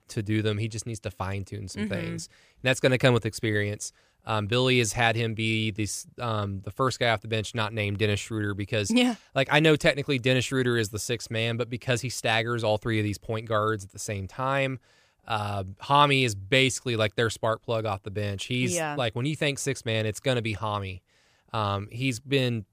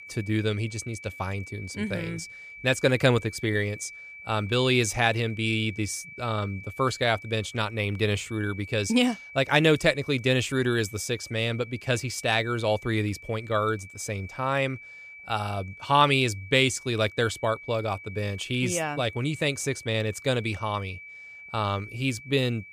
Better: first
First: none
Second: high-pitched whine; noticeable; throughout; 2.5 kHz, 15 dB below the speech

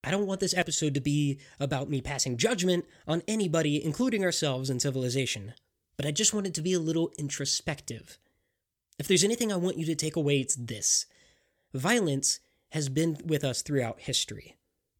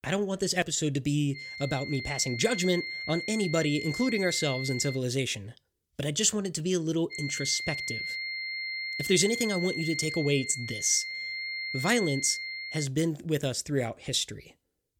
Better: first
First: none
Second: high-pitched whine; loud; from 1.5 to 5 s and from 7 to 13 s; 2 kHz, 5 dB below the speech

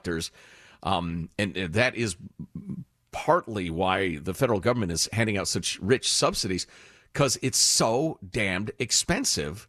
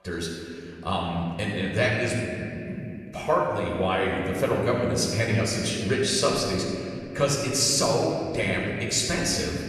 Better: first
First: none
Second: off-mic speech; somewhat distant // room echo; noticeable; dies away in 2.7 s

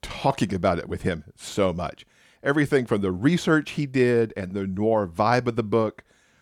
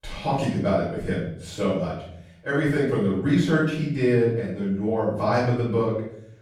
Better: first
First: none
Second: off-mic speech; far // room echo; noticeable; dies away in 0.7 s

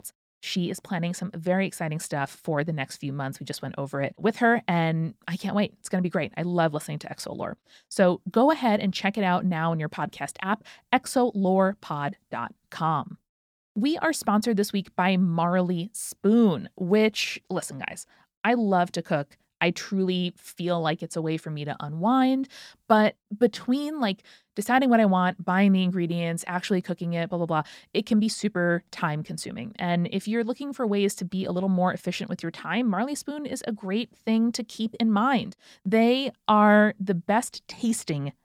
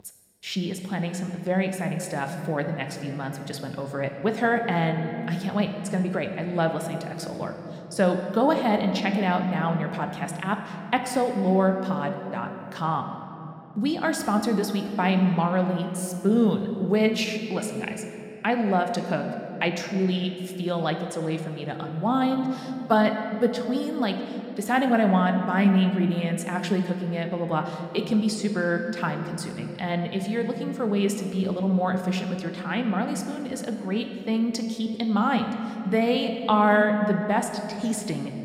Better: first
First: none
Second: room echo; slight; dies away in 2.5 s

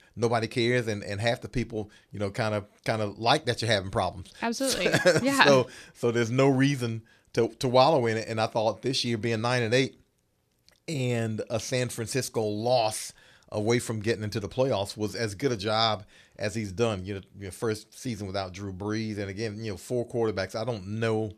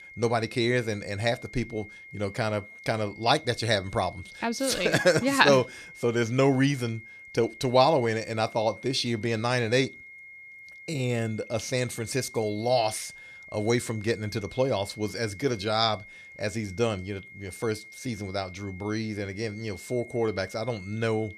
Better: first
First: none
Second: high-pitched whine; noticeable; throughout; 2 kHz, 15 dB below the speech

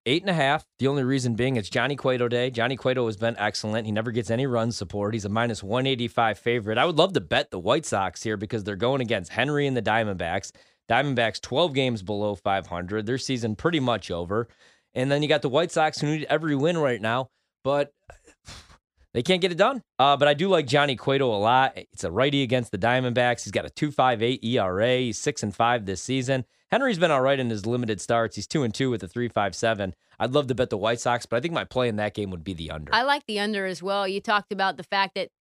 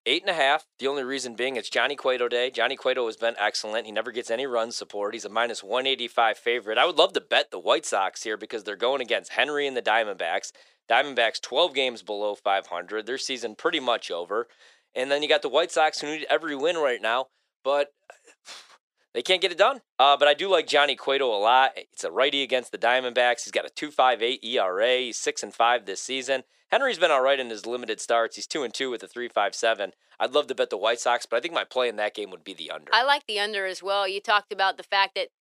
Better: first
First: none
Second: thin; somewhat; fading below 400 Hz

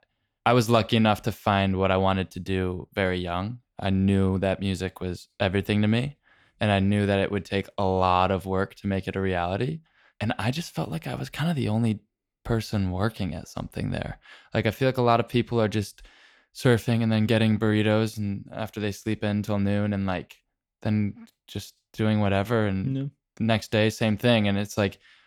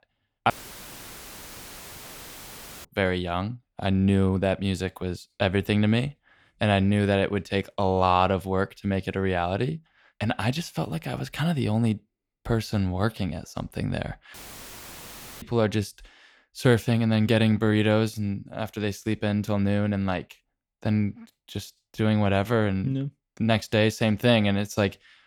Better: first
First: none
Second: audio cutting out; filled with static; at 0.5 s for 2.5 s and at 14 s for 1 s

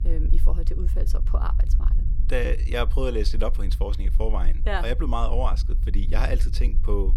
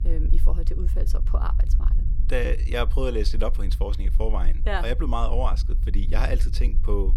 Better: neither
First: low rumble; noticeable; throughout; 15 dB below the speech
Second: low rumble; noticeable; throughout; 15 dB below the speech

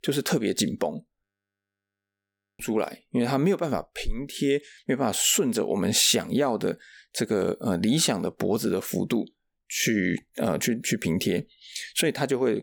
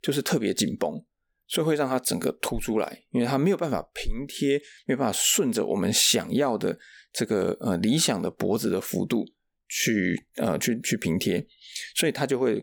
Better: second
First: audio freezing; at 1 s for 1.5 s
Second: none

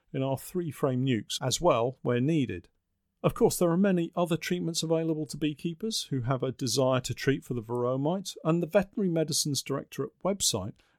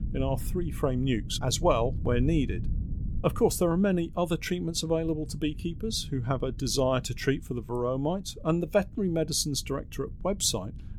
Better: first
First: none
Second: low rumble; faint; throughout; 20 dB below the speech

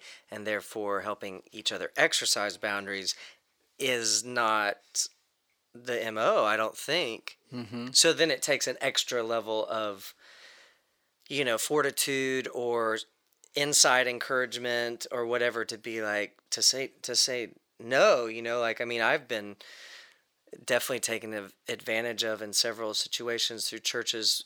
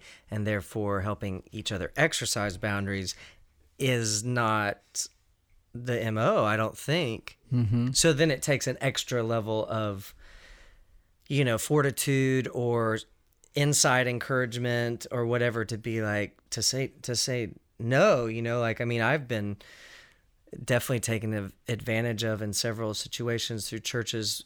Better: second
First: thin; somewhat; fading below 400 Hz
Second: none

